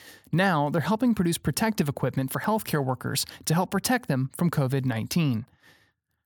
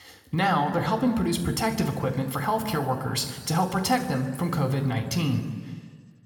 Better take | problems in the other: first | room echo; slight; dies away in 1.6 s

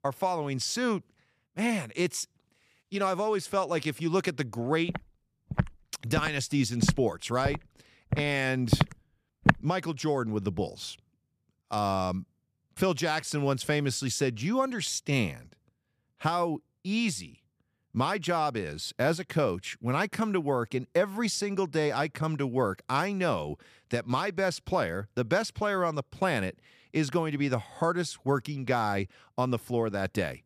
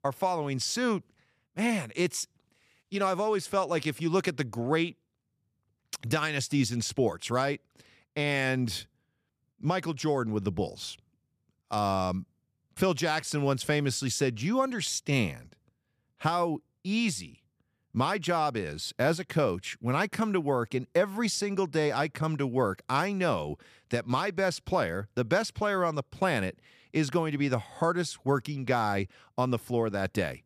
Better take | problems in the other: second | footsteps; loud; from 5 to 9.5 s; peak 4 dB above the speech

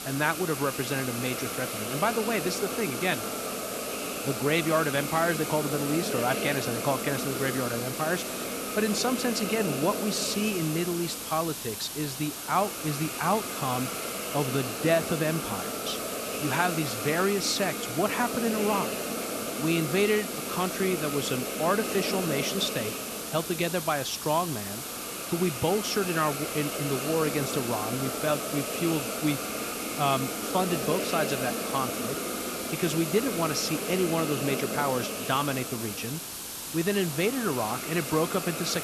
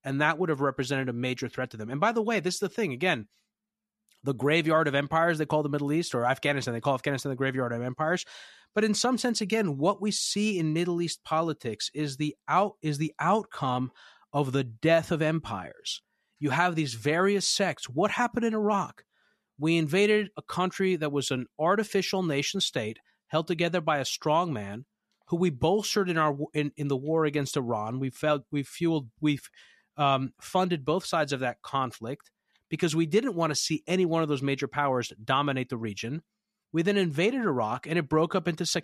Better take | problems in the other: second | hiss; loud; throughout; 3 dB below the speech

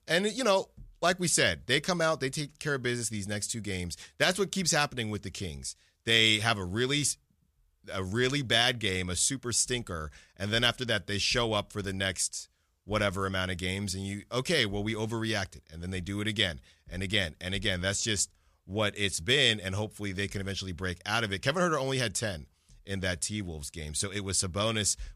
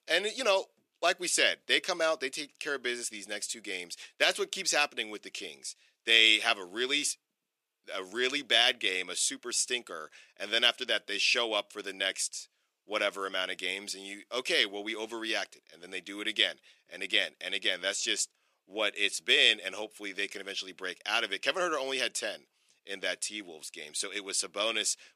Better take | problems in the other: first | thin; somewhat; fading below 300 Hz

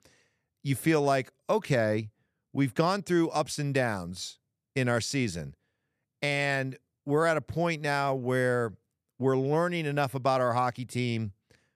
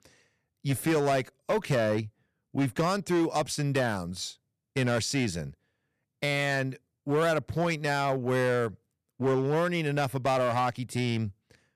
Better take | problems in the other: first | distortion; slight; 8% of the sound clipped

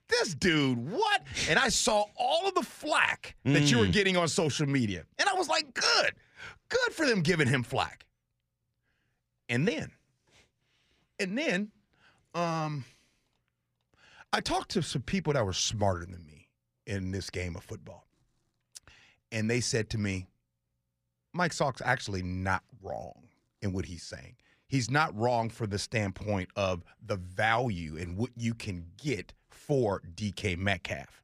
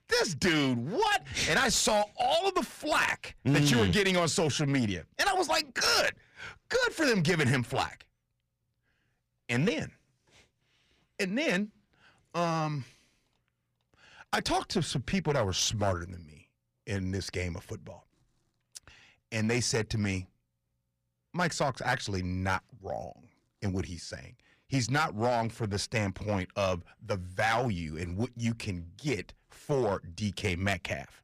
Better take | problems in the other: first | distortion; slight; 4% of the sound clipped

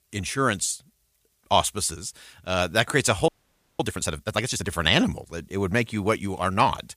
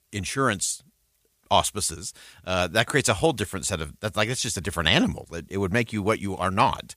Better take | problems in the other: second | audio freezing; at 3.5 s for 0.5 s

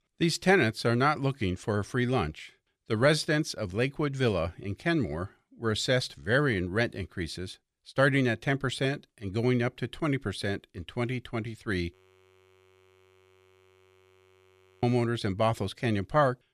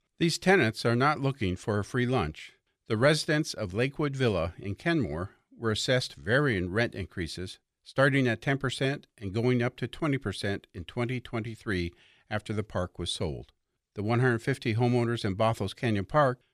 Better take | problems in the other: second | audio freezing; at 12 s for 3 s

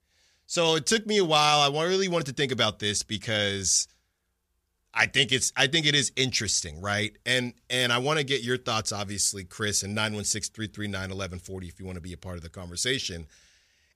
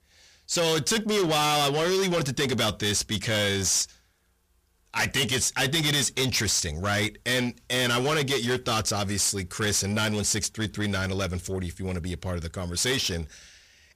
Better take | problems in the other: first | distortion; heavy; 5 dB below the speech

